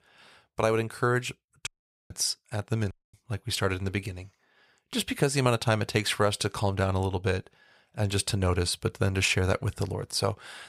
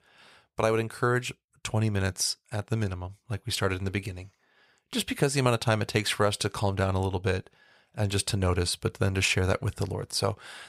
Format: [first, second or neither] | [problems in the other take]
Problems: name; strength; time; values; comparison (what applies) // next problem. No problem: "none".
second | audio cutting out; at 1.5 s and at 3 s